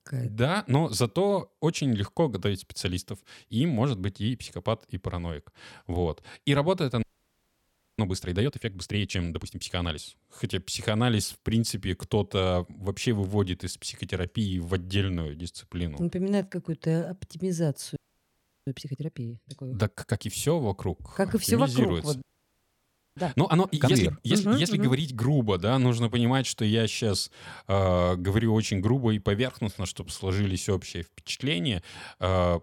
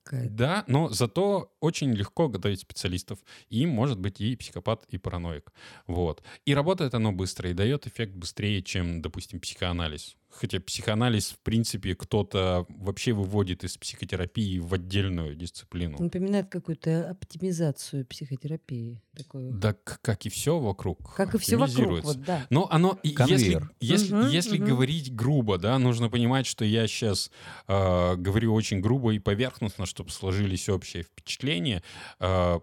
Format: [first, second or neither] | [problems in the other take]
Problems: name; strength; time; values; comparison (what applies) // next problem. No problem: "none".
second | audio freezing; at 7 s for 1 s, at 18 s for 0.5 s and at 22 s for 1 s